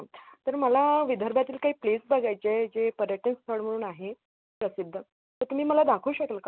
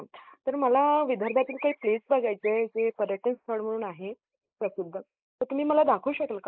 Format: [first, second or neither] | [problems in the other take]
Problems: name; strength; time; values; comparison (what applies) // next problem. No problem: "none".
first | noise reduction (neural mask model Resemble Enhance denoiser)